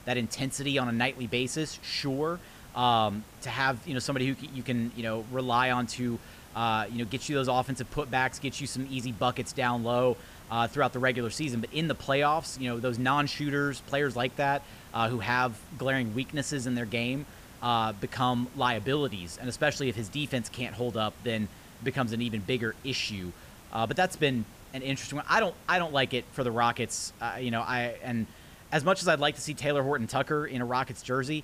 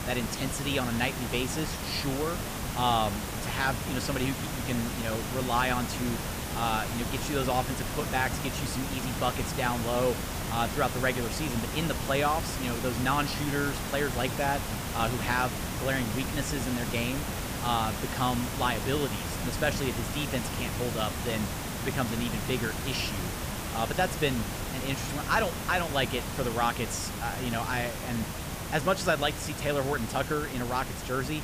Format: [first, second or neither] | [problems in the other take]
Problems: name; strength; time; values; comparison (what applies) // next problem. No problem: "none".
first | hiss; loud; throughout; 3 dB below the speech; faint in the first